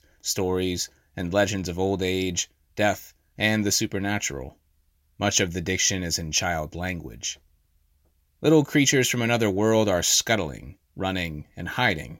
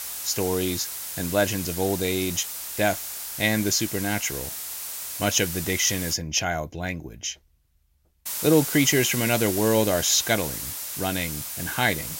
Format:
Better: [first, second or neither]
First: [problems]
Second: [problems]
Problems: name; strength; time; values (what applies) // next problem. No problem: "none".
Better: first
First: none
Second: hiss; loud; until 6 s and from 8.5 s on; 5 dB below the speech